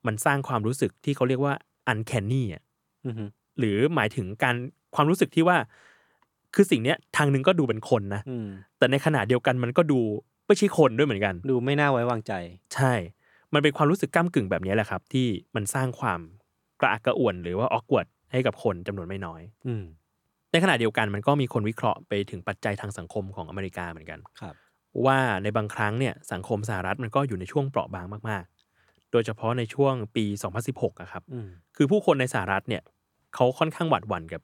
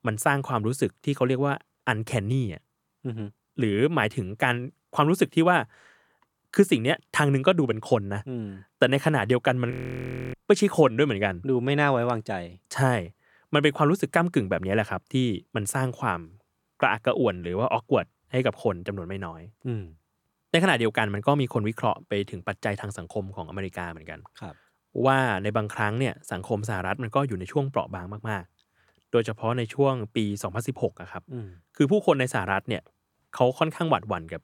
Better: first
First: none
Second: audio freezing; at 9.5 s for 0.5 s

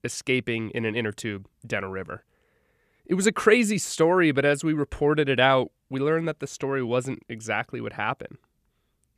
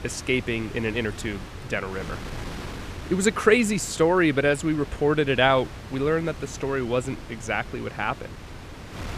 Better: first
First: none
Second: wind noise on the microphone; occasional gusts; 15 dB below the speech

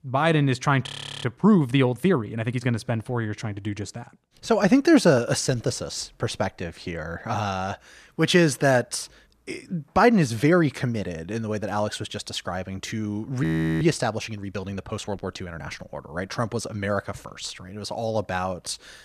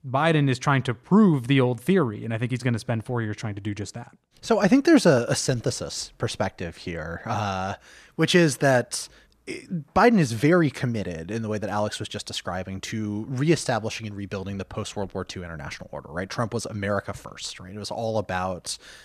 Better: second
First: audio freezing; at 1 s and at 13 s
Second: none

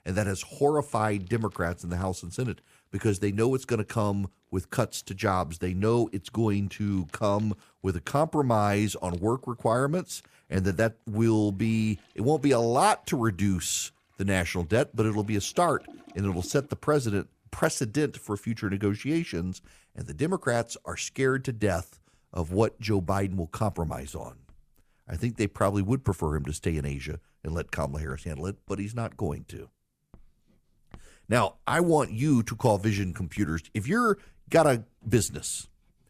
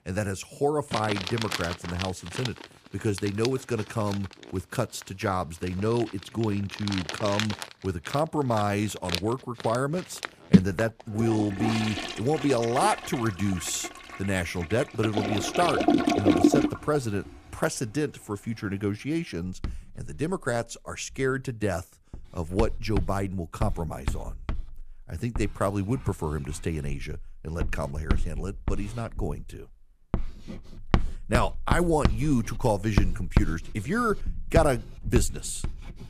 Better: first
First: household noises; faint; throughout; 30 dB below the speech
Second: household noises; loud; throughout; 2 dB below the speech

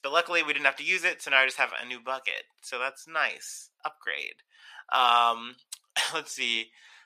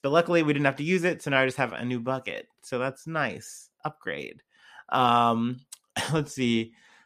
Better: second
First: thin; very; fading below 900 Hz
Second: none

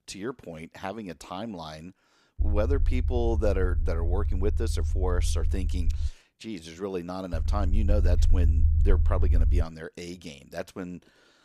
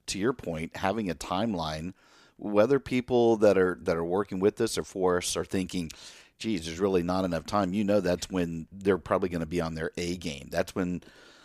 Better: second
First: low rumble; noticeable; from 2.5 to 6 s and from 7.5 to 9.5 s; 10 dB below the speech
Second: none

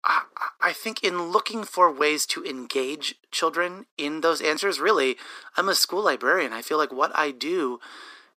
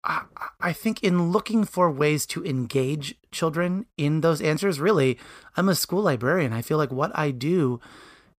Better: second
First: thin; very; fading below 300 Hz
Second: none

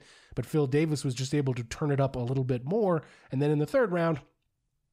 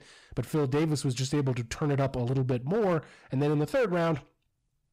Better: first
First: none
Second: distortion; slight; 10% of the sound clipped

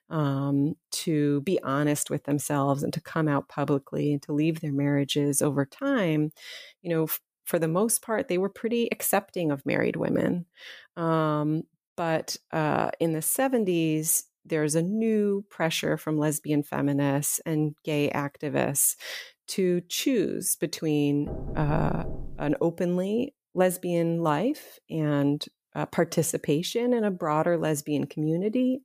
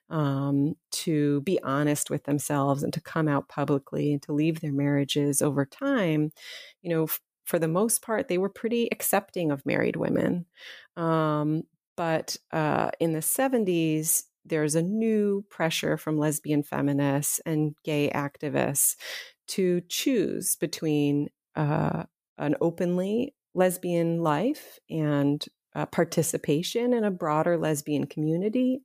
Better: second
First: door banging; noticeable; from 21 to 23 s; peak 10 dB below the speech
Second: none

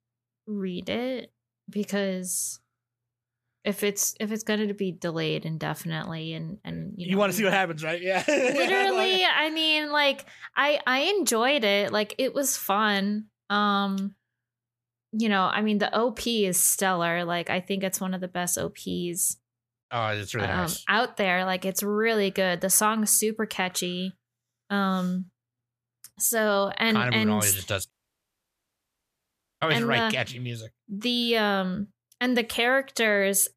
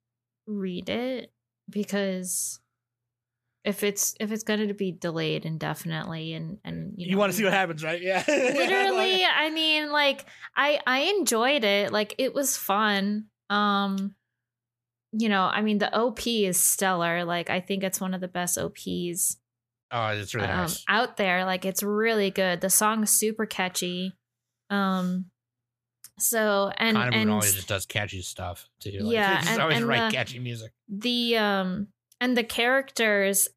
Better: second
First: audio cutting out; at 28 s for 1.5 s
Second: none

